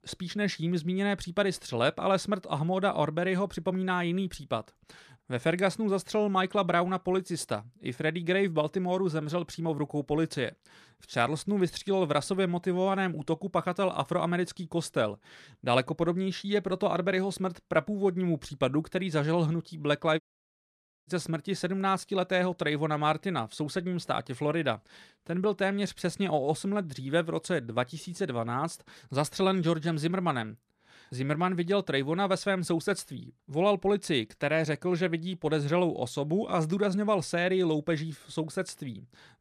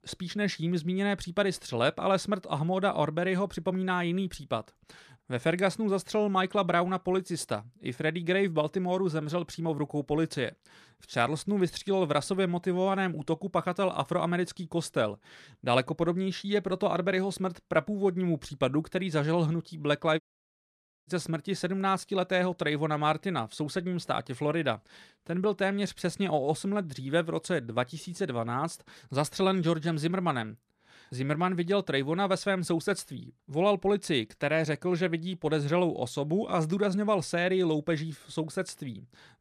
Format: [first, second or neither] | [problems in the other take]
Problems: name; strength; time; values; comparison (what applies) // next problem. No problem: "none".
neither | audio cutting out; at 20 s for 1 s; the same in both